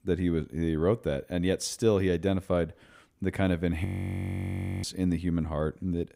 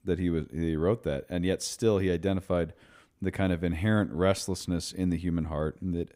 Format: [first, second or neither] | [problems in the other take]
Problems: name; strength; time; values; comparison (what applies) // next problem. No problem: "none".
second | audio freezing; at 4 s for 1 s